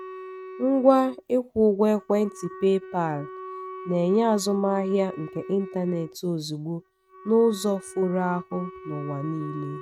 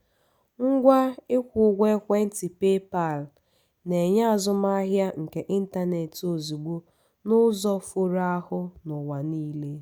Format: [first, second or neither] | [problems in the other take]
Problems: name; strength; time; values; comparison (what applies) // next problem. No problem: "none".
second | noise reduction (neural mask model RNNoise)